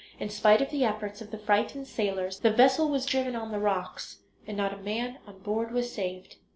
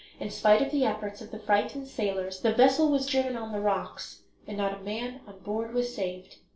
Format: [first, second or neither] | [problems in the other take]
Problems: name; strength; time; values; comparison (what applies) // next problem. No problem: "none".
first | room echo; dies away in 0.3 s